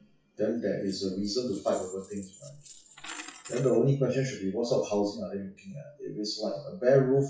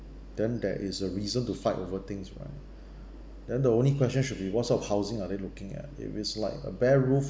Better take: second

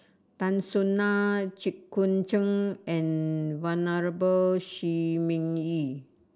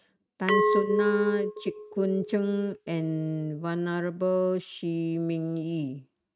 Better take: first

